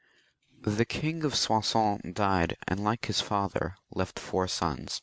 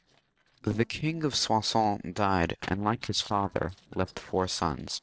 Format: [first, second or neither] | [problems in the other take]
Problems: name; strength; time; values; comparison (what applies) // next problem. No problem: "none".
first | noise reduction (neural separator model SepFormer DNS4)